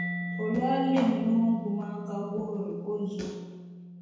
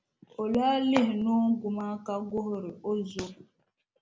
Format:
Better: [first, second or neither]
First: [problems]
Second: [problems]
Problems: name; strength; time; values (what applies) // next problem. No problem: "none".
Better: second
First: background sound (Mallet percussion); 7 dB below the speech // room echo; dies away in 1.1 s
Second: none